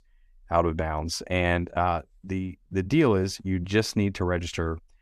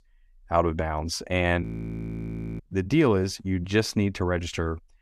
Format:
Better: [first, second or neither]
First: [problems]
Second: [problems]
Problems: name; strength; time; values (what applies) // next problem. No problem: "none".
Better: first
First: none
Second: audio freezing; at 1.5 s for 1 s